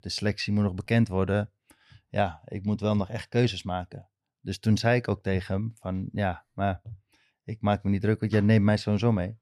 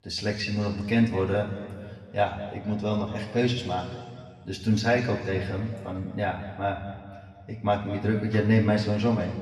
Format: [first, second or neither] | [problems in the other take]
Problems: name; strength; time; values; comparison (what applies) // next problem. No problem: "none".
first | room echo; noticeable; dies away in 1.9 s // off-mic speech; far